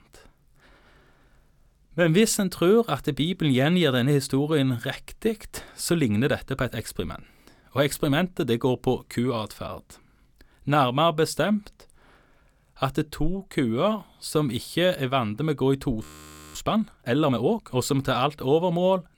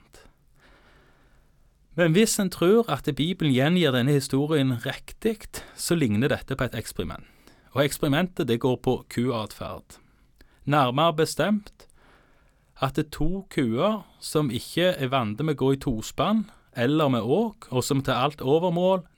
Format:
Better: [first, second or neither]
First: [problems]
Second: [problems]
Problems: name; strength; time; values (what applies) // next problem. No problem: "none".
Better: second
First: audio freezing; at 16 s for 0.5 s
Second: none